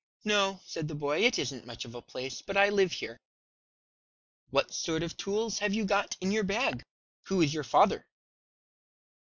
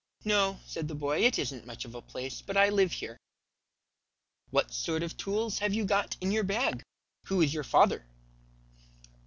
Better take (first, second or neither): second